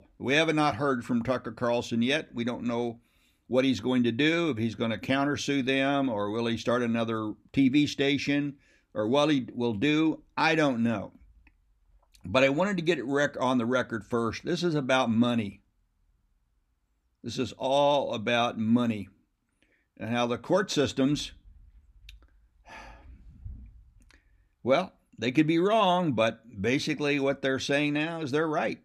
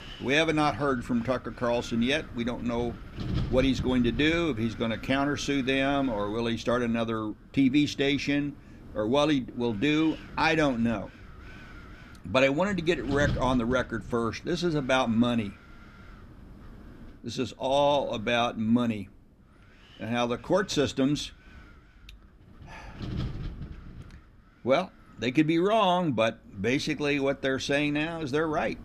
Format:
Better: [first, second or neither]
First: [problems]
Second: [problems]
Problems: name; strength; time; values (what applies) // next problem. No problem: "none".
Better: first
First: none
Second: wind noise on the microphone; occasional gusts; 20 dB below the speech